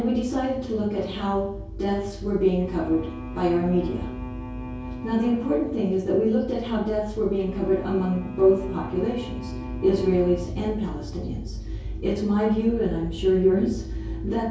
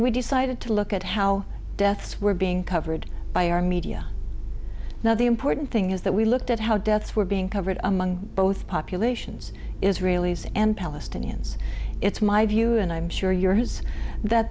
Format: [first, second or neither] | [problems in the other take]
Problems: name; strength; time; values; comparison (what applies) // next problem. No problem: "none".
second | background sound (Bowed string instrument); 13 dB below the speech // room echo; dies away in 0.6 s